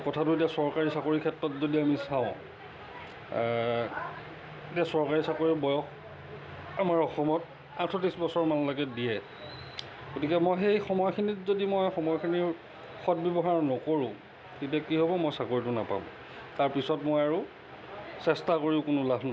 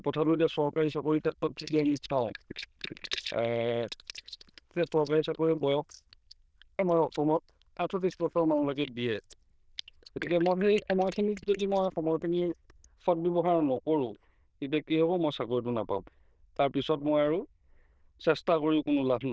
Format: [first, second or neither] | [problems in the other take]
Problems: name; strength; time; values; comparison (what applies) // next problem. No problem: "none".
first | noise reduction (neural diffusion model UNIVERSE++)